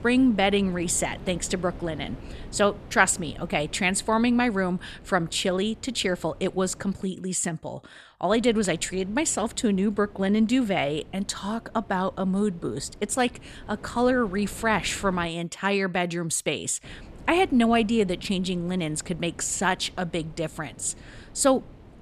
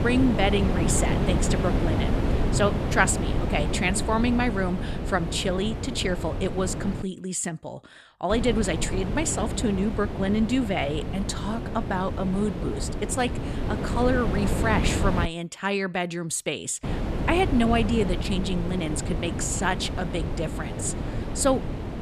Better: first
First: wind noise on the microphone; occasional gusts; until 7 s, from 8.5 to 15 s and from 17 s on; 25 dB below the speech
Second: wind noise on the microphone; heavy; until 7 s, from 8.5 to 15 s and from 17 s on; 6 dB below the speech

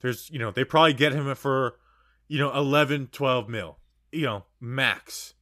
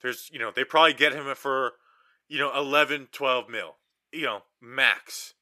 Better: first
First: none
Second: thin; somewhat; fading below 400 Hz

